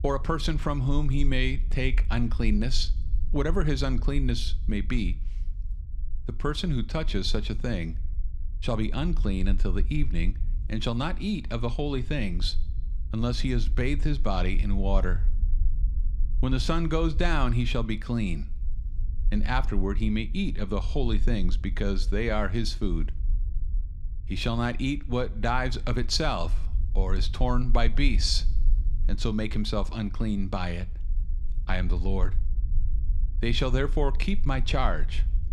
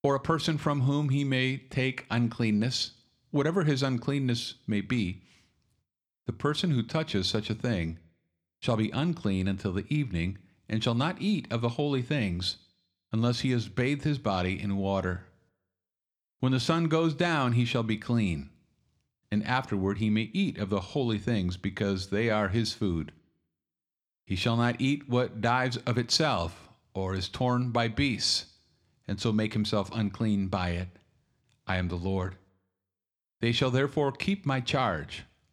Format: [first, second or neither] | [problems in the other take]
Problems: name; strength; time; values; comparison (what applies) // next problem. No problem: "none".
second | low rumble; faint; throughout; 20 dB below the speech